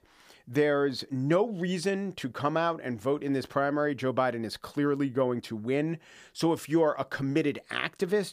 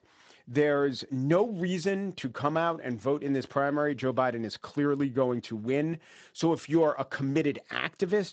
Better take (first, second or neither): first